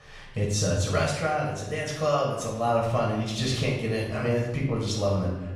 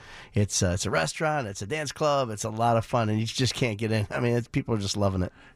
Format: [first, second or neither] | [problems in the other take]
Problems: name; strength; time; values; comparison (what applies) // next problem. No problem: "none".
second | off-mic speech; far // room echo; noticeable; dies away in 0.9 s